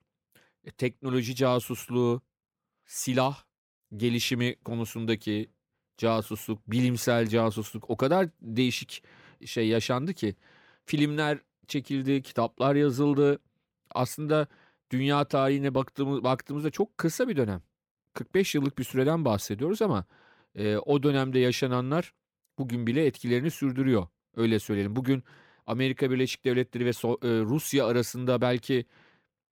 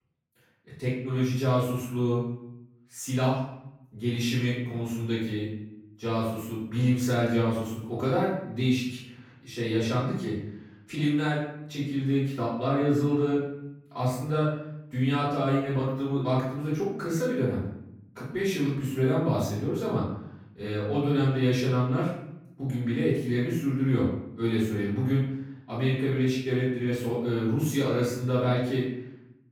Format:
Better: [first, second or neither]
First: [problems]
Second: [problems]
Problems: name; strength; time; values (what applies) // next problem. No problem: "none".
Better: first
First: none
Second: off-mic speech; far // room echo; noticeable; dies away in 0.7 s